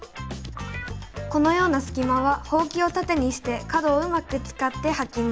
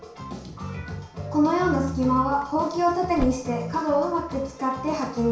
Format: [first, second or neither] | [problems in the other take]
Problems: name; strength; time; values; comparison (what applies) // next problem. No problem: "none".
first | background sound (Slam / Car); 14 dB below the speech // room echo; dies away in 0.6 s